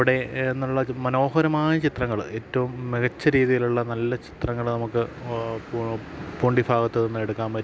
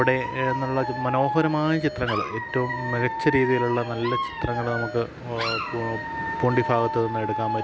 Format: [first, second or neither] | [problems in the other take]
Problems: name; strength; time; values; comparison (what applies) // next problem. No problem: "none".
first | background sound (Alarm / Dog); 5 dB below the speech